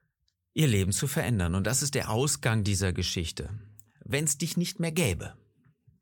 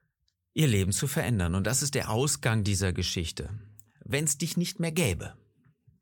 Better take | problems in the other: neither | none

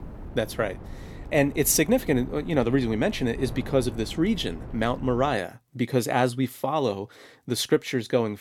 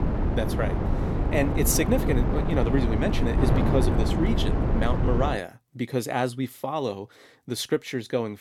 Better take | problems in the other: first | wind noise on the microphone; heavy; until 5.5 s; 2 dB below the speech; occasional gusts in the first

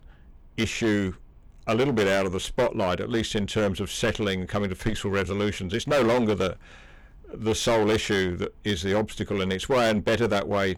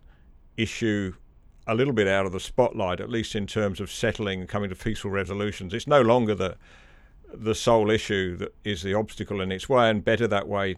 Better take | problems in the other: second | distortion; heavy; 12% of the sound clipped

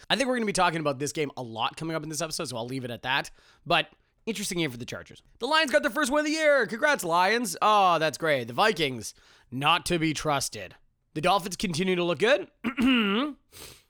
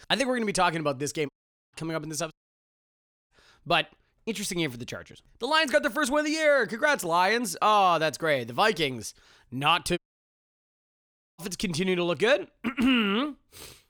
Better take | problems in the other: first | audio cutting out; at 1.5 s, at 2.5 s for 1 s and at 10 s for 1.5 s

